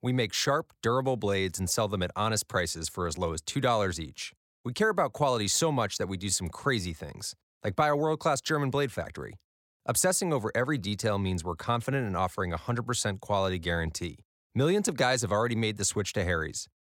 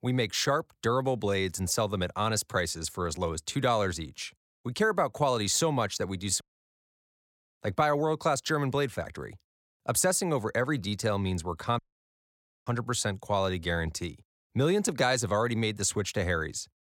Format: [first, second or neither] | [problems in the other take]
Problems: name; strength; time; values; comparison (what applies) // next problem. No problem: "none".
first | audio cutting out; at 6.5 s for 1 s and at 12 s for 1 s